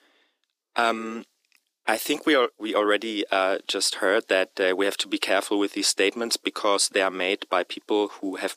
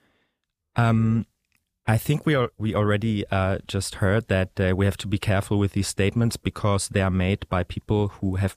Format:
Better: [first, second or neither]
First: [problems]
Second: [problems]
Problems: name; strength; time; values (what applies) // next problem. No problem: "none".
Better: second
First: thin; very; fading below 300 Hz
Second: none